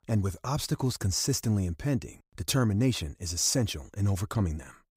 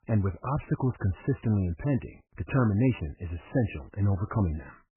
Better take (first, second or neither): first